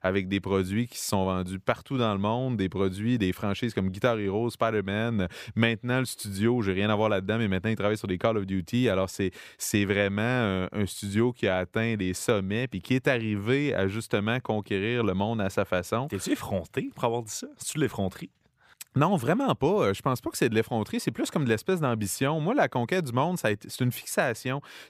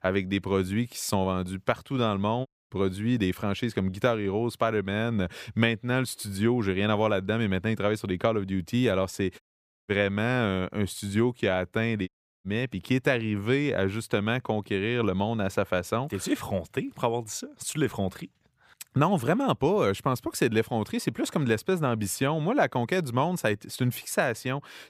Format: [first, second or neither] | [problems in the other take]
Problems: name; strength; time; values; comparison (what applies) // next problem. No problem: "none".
first | audio cutting out; at 2.5 s, at 9.5 s and at 12 s